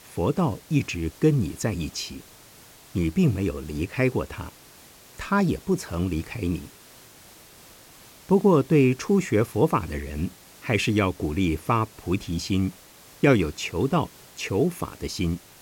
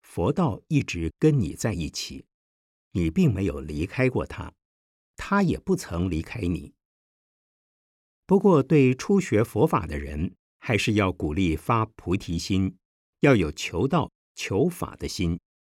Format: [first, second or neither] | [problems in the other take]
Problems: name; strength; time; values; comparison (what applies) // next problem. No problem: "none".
second | hiss; faint; throughout; 25 dB below the speech